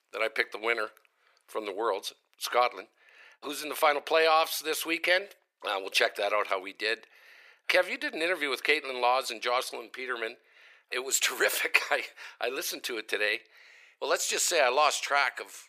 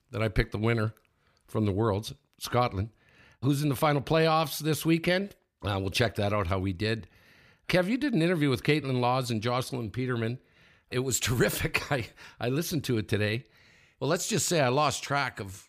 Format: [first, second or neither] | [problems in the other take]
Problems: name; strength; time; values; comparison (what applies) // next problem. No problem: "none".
second | thin; very; fading below 450 Hz